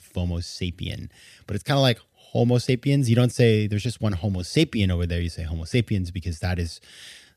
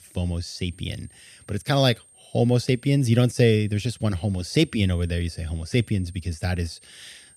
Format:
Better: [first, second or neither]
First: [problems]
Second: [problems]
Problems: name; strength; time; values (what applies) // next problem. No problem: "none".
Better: first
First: none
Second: high-pitched whine; faint; throughout; 8.5 kHz, 25 dB below the speech